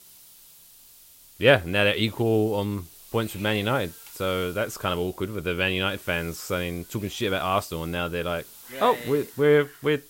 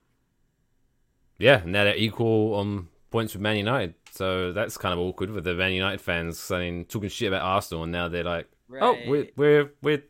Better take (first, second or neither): second